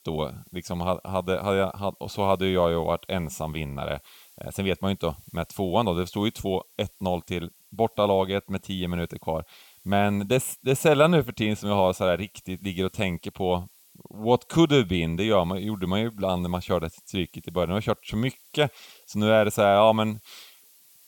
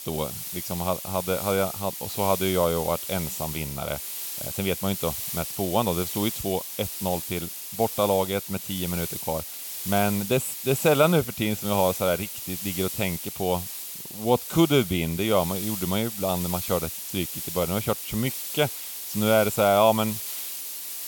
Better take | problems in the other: first | hiss; loud; throughout; 5 dB below the speech; faint in the first

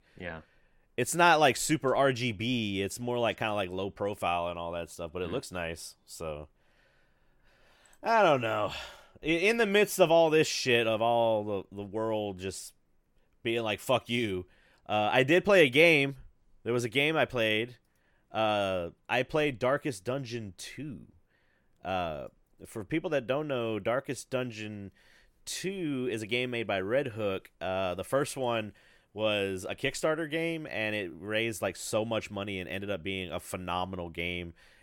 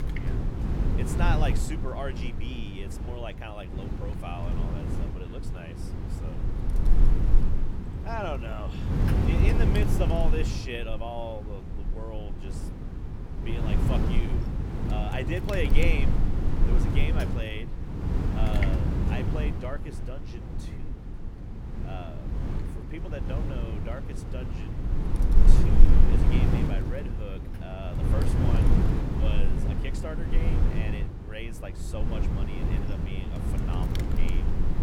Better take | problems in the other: first | wind noise on the microphone; heavy; 1 dB below the speech

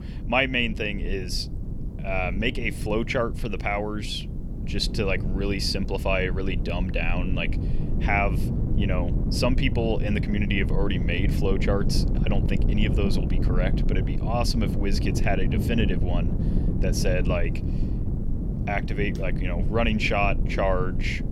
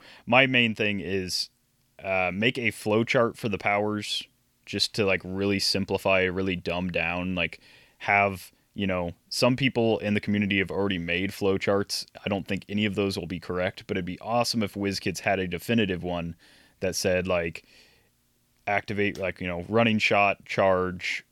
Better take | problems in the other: second | wind noise on the microphone; heavy; 10 dB below the speech

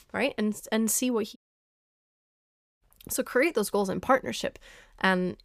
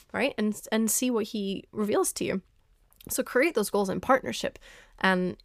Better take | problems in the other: second | audio cutting out; at 1.5 s for 1.5 s

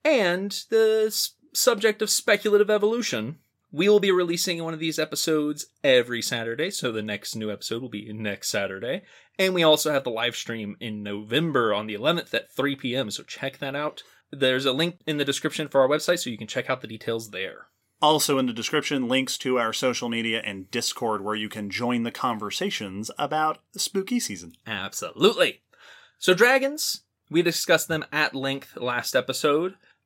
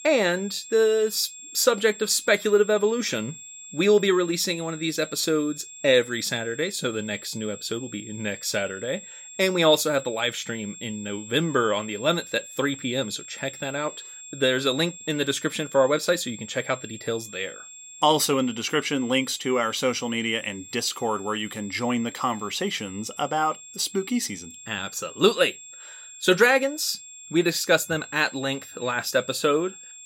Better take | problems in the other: first | high-pitched whine; noticeable; throughout; 7.5 kHz, 15 dB below the speech

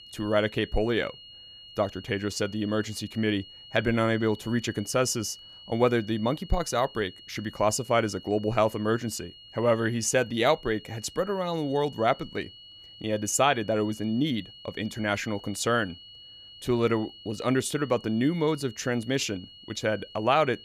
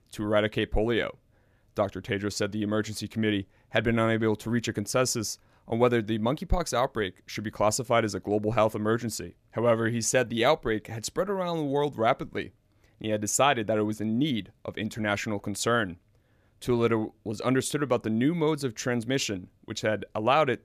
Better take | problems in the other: second | high-pitched whine; noticeable; throughout; 3 kHz, 20 dB below the speech

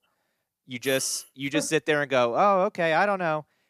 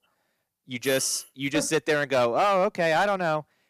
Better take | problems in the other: first | distortion; slight; 5% of the sound clipped

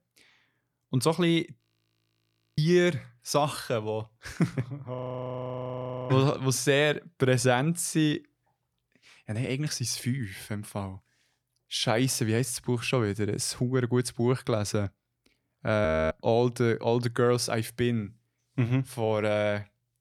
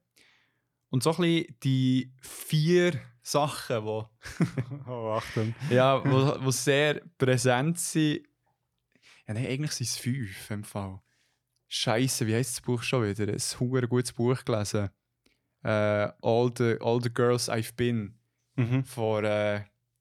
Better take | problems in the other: second | audio freezing; at 1.5 s for 1 s, at 5 s for 1 s and at 16 s

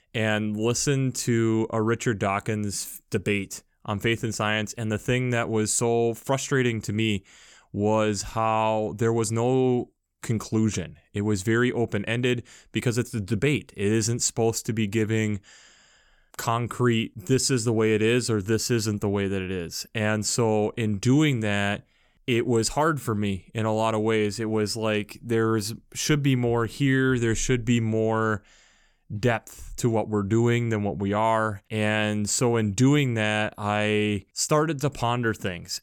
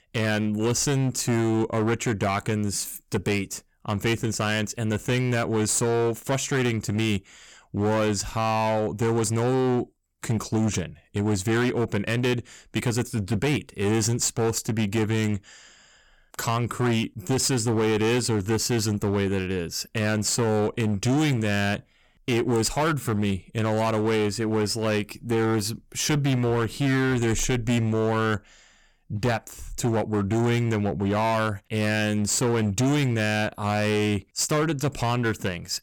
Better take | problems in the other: first | distortion; slight; 16% of the sound clipped

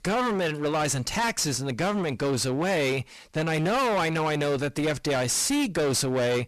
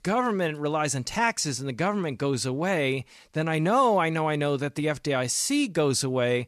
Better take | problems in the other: second | distortion; heavy; 28% of the sound clipped

